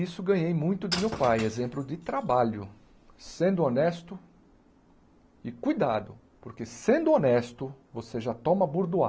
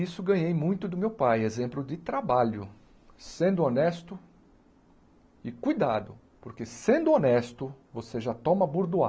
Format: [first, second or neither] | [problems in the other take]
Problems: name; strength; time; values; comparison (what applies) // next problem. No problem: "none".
second | background sound (Shatter / Crushing); 12 dB below the speech